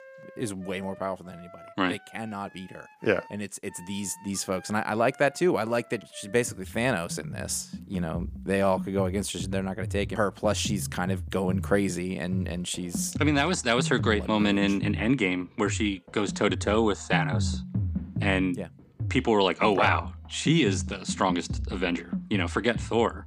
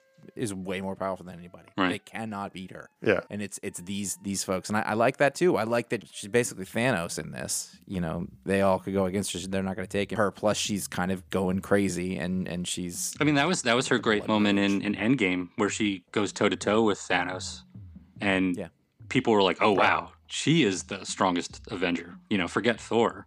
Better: second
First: background music; loud; throughout; 8 dB below the speech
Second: background music; faint; throughout; 25 dB below the speech

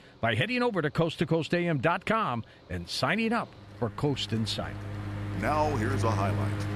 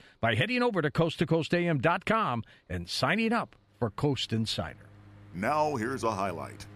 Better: second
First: machinery noise; loud; throughout; 5 dB below the speech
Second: machinery noise; faint; throughout; 20 dB below the speech

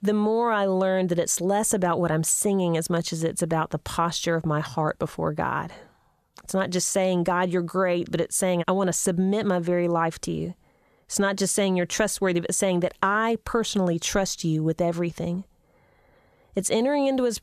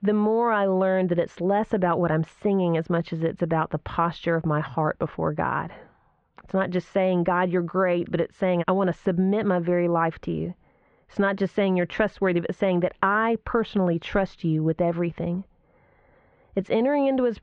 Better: first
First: none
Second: muffled; very; fading above 2.5 kHz

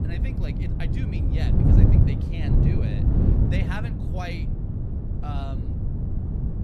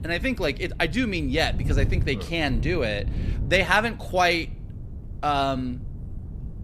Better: second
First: wind noise on the microphone; heavy; 3 dB above the speech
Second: wind noise on the microphone; occasional gusts; 20 dB below the speech

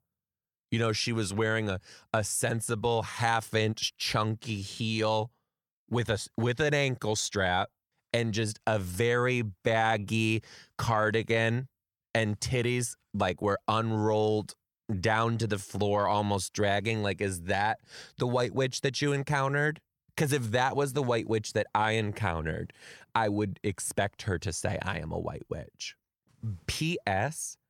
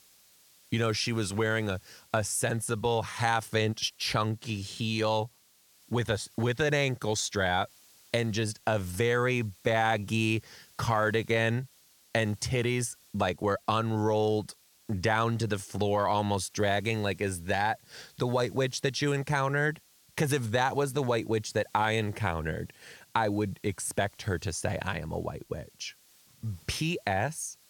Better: first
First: none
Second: hiss; faint; throughout; 30 dB below the speech

